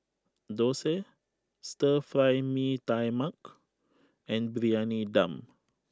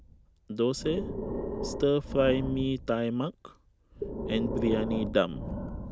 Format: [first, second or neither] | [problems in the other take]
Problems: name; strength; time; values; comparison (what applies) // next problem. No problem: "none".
first | background sound (Breathing); 6 dB below the speech